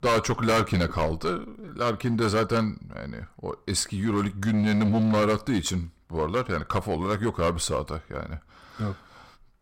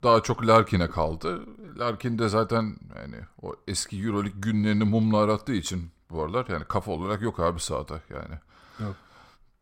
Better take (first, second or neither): second